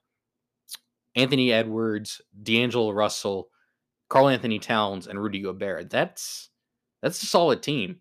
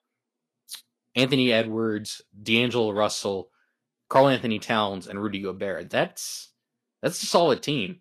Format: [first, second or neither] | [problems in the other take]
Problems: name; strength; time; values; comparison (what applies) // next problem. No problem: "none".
first | garbled, watery; slightly; nothing above 12.5 kHz